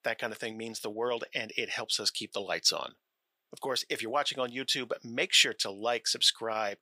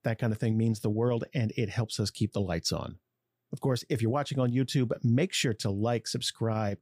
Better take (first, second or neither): second